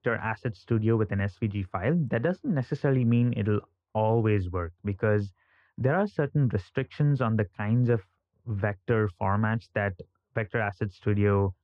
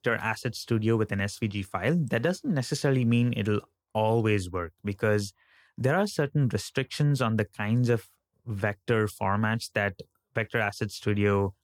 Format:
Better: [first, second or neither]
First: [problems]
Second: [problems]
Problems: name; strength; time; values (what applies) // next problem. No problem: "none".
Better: second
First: muffled; very; fading above 2 kHz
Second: none